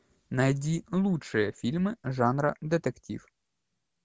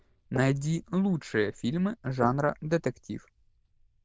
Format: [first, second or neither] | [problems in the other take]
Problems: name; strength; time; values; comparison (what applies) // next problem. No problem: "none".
first | noise reduction (neural diffusion model UNIVERSE++)